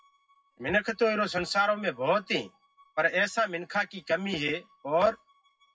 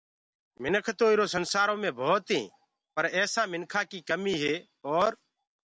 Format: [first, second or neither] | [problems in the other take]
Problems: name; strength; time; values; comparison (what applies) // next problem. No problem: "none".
second | noise reduction (classical method WPE with log-MMSE)